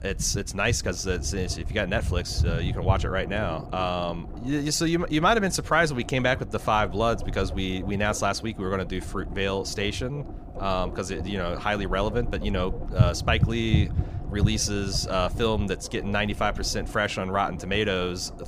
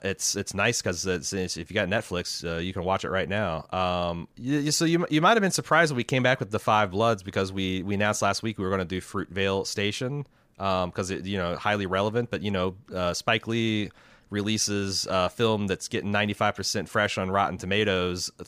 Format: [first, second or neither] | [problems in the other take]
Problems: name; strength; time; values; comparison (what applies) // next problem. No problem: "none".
second | low rumble; noticeable; throughout; 15 dB below the speech